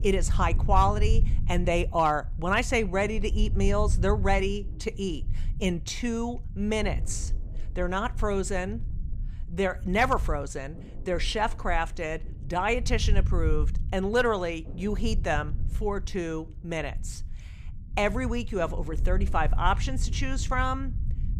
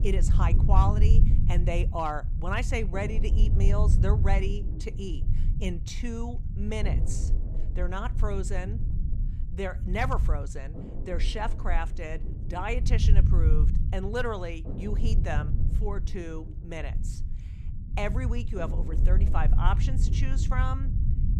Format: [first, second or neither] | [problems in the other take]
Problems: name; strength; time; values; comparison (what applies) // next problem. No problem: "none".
first | low rumble; loud; throughout; 9 dB below the speech; faint in the first